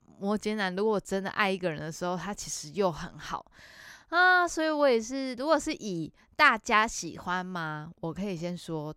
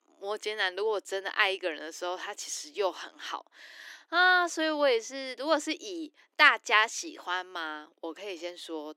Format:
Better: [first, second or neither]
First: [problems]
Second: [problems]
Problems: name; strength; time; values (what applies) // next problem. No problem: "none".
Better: first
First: none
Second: thin; somewhat; fading below 300 Hz